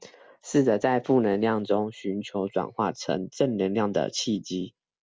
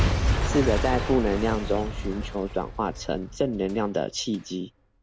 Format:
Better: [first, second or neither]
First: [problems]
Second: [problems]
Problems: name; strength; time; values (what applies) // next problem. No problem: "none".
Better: first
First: none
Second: background sound (Shatter / Crushing / Boom); 2 dB below the speech